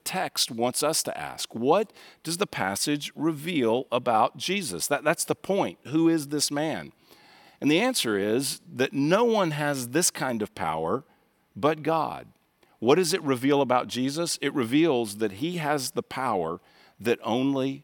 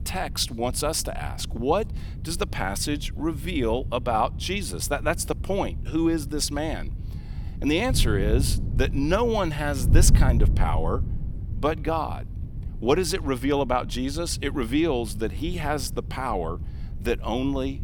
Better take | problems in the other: first | wind noise on the microphone; occasional gusts; 15 dB below the speech

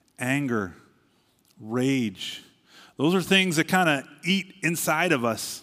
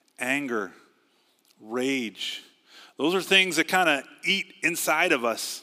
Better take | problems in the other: first | thin; very slightly; fading below 350 Hz

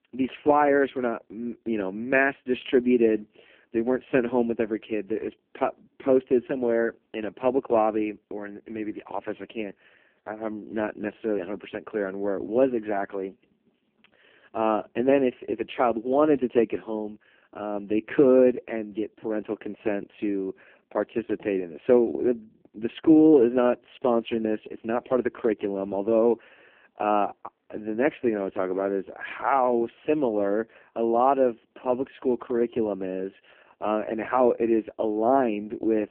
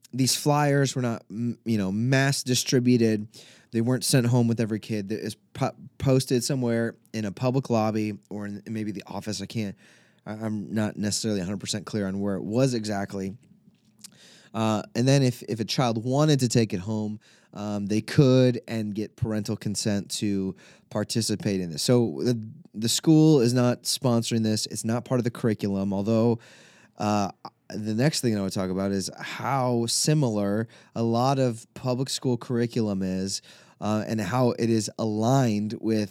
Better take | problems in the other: second | phone-call audio; poor line

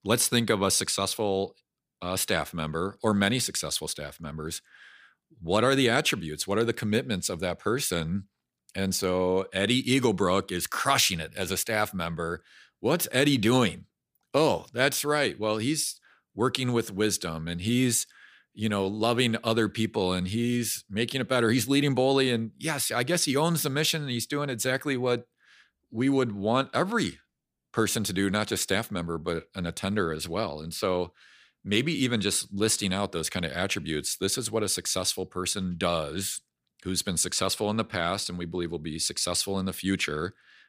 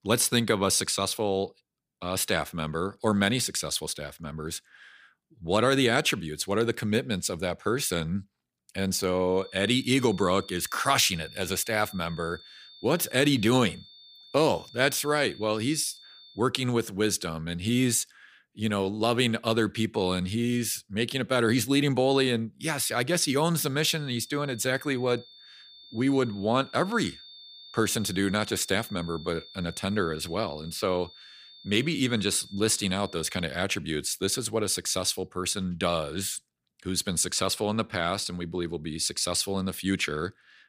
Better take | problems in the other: first | high-pitched whine; noticeable; from 9.5 to 16 s and from 24 to 33 s; 3.5 kHz, 20 dB below the speech

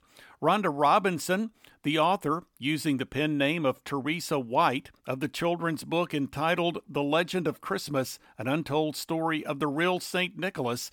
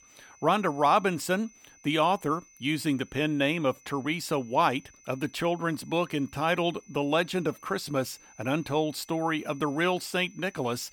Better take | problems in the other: first | high-pitched whine; faint; throughout; 6 kHz, 25 dB below the speech

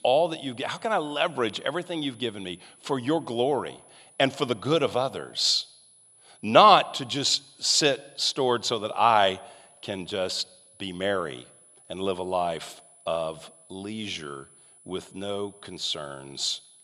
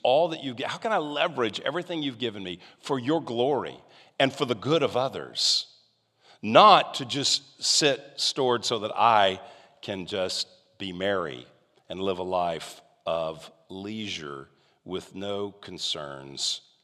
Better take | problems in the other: second | high-pitched whine; faint; throughout; 10 kHz, 30 dB below the speech

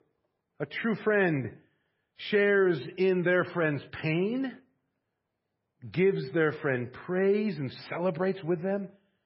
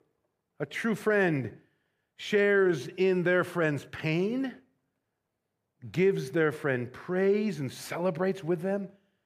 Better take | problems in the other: second | garbled, watery; badly; nothing above 5.5 kHz

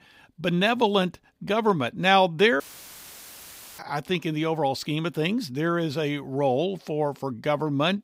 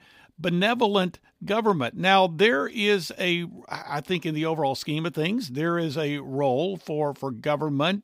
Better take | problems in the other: second | audio cutting out; filled with static; at 2.5 s for 1 s

